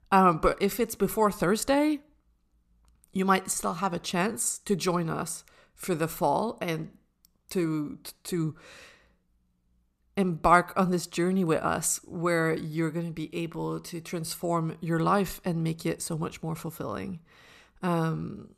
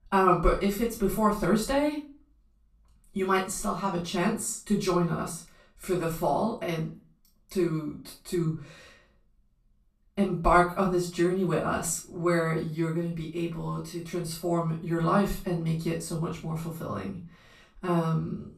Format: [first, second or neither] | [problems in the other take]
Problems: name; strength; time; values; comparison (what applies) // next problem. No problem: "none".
first | off-mic speech; far // room echo; slight; dies away in 0.3 s